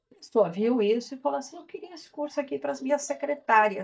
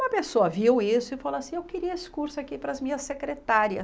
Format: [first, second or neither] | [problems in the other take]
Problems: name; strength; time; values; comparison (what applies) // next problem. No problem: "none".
second | noise reduction (neural mask model DeepFilterNet 3)